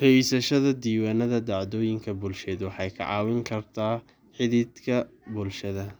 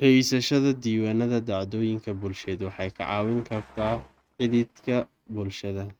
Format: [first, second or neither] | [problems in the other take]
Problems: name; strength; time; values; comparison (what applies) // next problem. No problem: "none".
first | noise reduction (neural mask model RNNoise)